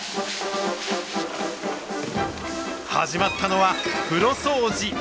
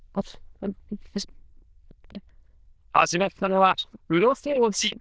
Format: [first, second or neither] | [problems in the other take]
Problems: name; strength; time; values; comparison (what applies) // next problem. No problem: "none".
first | noise reduction (neural diffusion model UNIVERSE++)